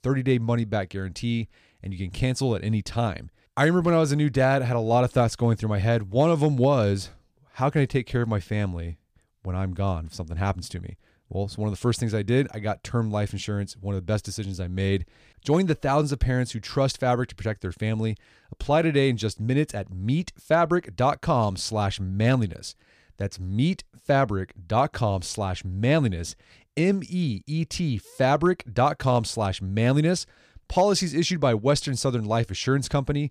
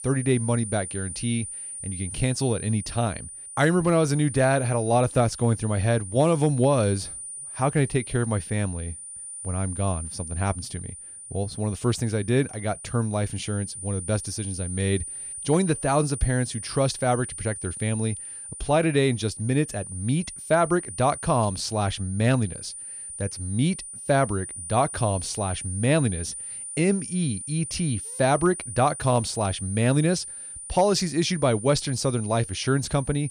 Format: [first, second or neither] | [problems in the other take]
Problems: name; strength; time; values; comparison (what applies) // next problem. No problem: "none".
first | high-pitched whine; loud; throughout; 9.5 kHz, 9 dB below the speech